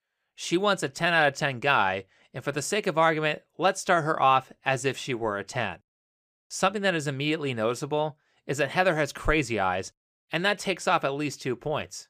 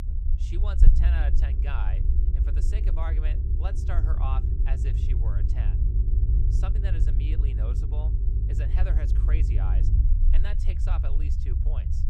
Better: first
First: none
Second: low rumble; loud; throughout; 2 dB below the speech

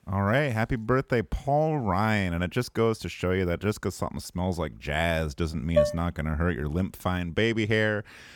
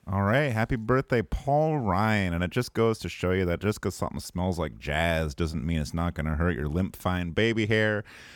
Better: second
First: clattering dishes; loud; at 6 s; peak 2 dB above the speech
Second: none

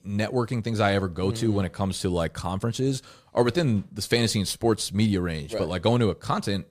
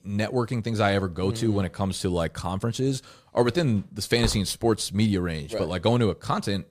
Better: first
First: none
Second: door banging; noticeable; at 4 s; peak 10 dB below the speech

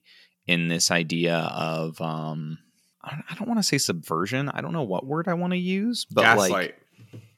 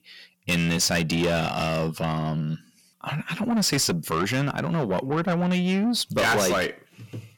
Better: first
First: none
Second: distortion; heavy; 6 dB below the speech

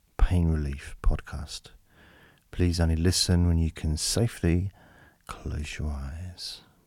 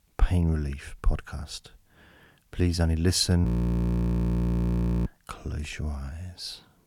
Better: first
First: none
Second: audio freezing; at 3.5 s for 1.5 s

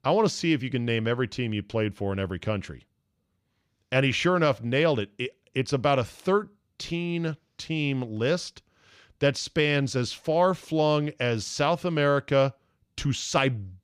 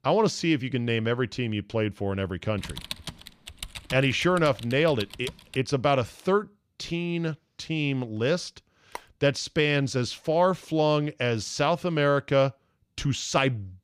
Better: first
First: none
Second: keyboard typing; noticeable; from 2.5 to 5.5 s; peak 10 dB below the speech // phone ringing; very faint; at 9 s; peak 15 dB below the speech

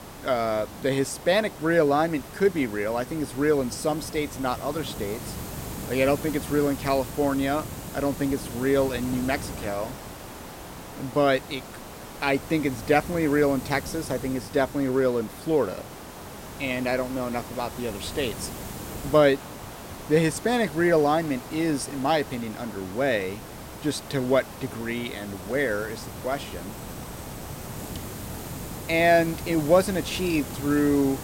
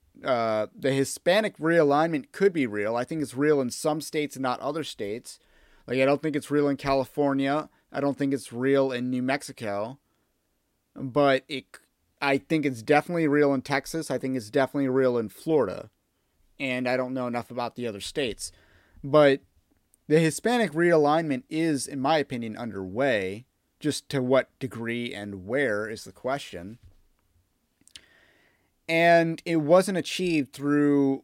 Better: second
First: hiss; noticeable; throughout; 10 dB below the speech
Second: none

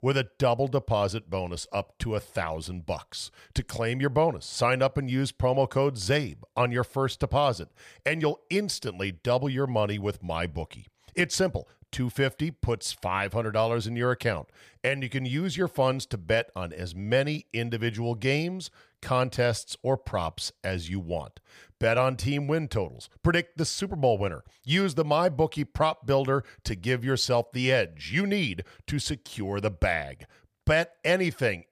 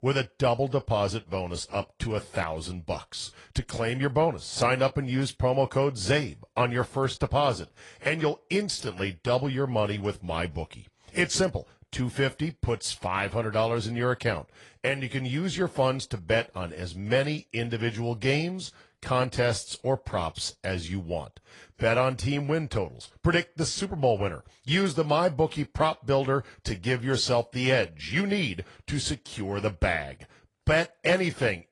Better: first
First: none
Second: garbled, watery; slightly; nothing above 10 kHz

